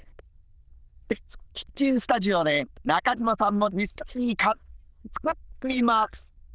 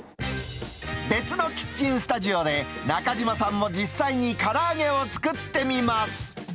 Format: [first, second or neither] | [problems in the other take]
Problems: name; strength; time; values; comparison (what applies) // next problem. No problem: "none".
second | noise reduction (neural diffusion model UNIVERSE++)